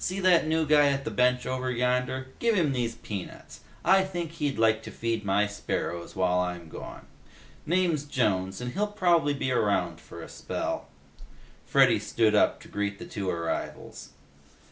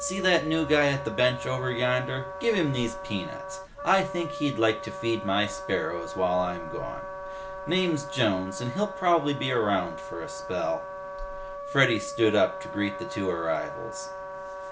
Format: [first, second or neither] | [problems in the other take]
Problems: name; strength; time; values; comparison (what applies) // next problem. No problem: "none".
first | background sound (Wind instrument, woodwind instrument); 9 dB below the speech